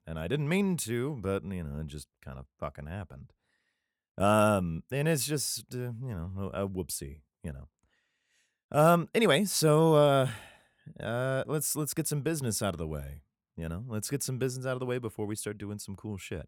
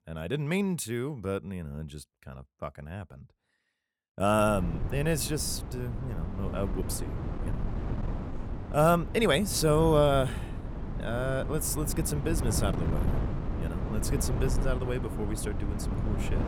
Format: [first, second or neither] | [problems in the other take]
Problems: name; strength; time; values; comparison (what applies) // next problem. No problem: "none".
first | wind noise on the microphone; occasional gusts; from 4.5 s on; 10 dB below the speech